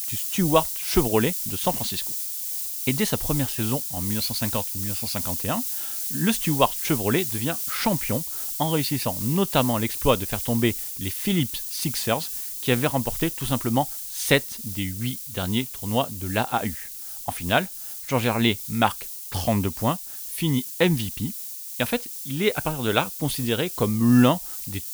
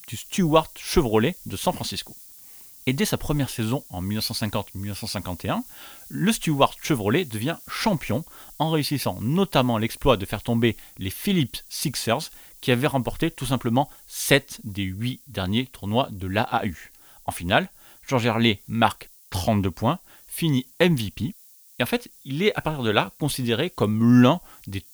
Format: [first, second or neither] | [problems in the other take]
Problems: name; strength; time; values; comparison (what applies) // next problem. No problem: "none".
second | hiss; loud; throughout; 4 dB below the speech; faint in the second